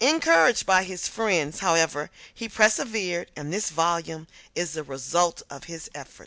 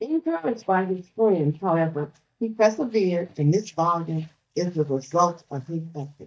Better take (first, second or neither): first